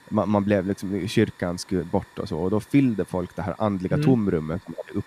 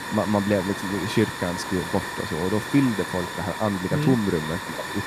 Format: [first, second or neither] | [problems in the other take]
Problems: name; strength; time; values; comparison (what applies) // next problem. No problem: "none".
first | hiss; loud; throughout; 6 dB below the speech; faint in the first